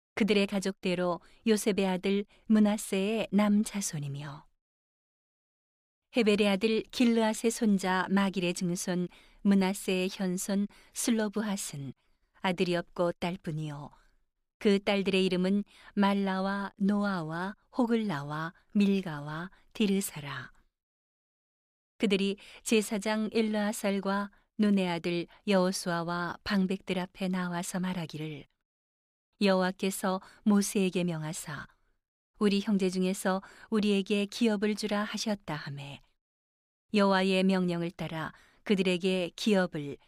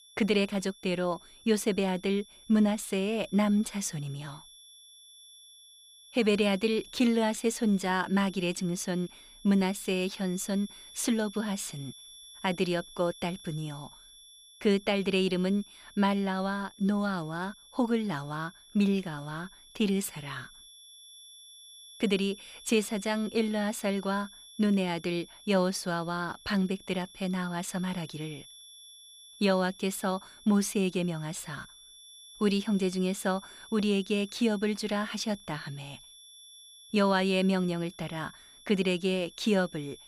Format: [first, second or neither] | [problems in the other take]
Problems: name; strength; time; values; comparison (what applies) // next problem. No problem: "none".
first | high-pitched whine; noticeable; throughout; 3.5 kHz, 20 dB below the speech